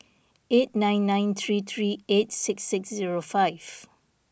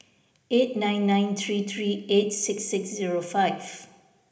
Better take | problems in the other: first | room echo; dies away in 0.8 s

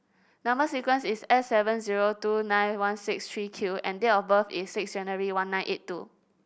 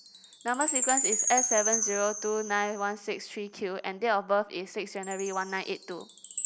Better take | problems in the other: first | background sound (Chime); 2 dB below the speech

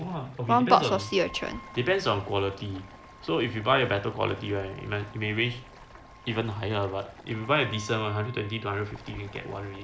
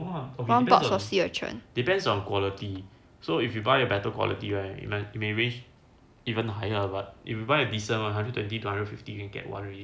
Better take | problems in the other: second | background sound (Wind instrument, woodwind instrument + Stream); 18 dB below the speech

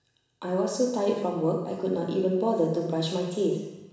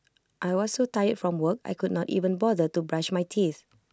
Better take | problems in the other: second | room echo; dies away in 1 s

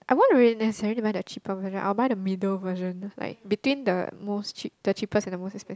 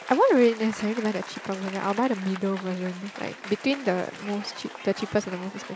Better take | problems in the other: first | background sound (Applause / Cheering); 14 dB below the speech

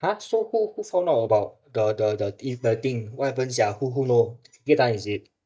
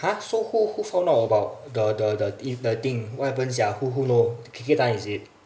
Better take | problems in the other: second | noise reduction (neural mask model DeepFilterNet 3)

